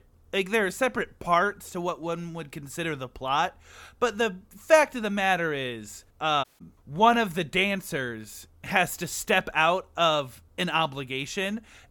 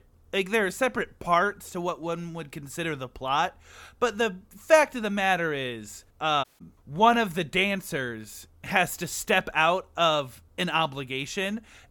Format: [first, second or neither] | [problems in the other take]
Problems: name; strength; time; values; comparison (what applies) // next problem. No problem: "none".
neither | audio cutting out; at 6.5 s; the same in both